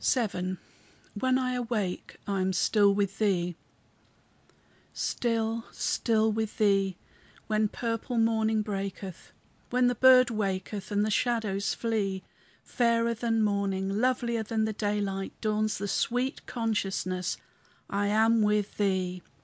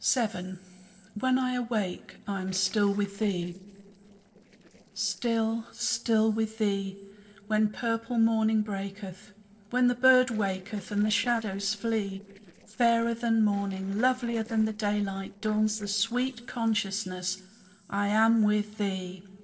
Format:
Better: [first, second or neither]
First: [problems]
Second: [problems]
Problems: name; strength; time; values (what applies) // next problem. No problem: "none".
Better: first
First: none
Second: noise reduction (neural separator model SepFormer DNS4)